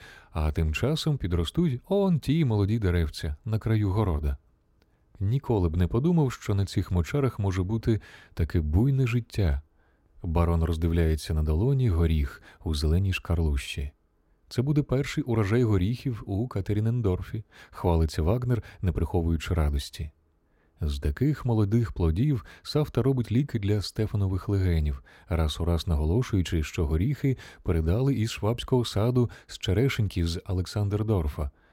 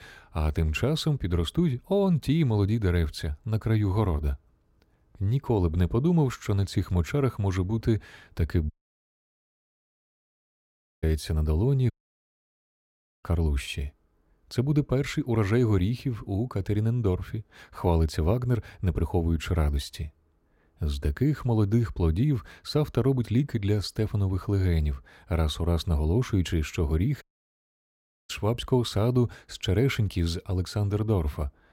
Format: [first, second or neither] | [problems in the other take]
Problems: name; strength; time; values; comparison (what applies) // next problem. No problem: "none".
first | audio cutting out; at 8.5 s for 2.5 s, at 12 s for 1.5 s and at 27 s for 1 s